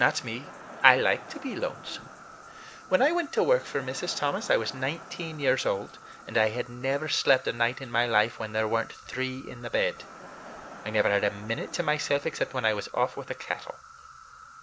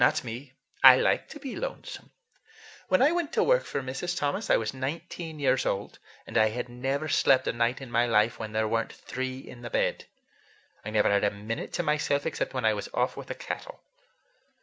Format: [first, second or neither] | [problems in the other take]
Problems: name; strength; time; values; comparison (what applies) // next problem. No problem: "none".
second | background sound (Insect + Crowd); 17 dB below the speech